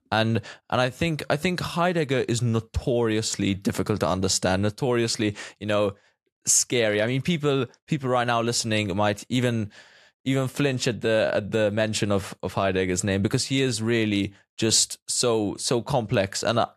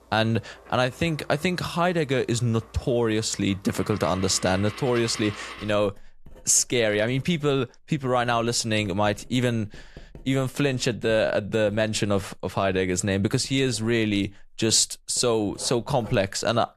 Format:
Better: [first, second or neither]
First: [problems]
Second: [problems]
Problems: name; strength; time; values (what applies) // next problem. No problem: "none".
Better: first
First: none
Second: household noises; faint; throughout; 20 dB below the speech